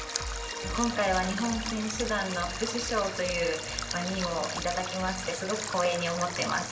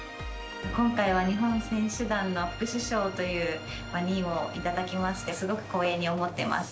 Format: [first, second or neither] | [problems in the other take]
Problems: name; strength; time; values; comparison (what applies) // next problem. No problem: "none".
second | background sound (Stream); 7 dB below the speech // room echo; dies away in 2.1 s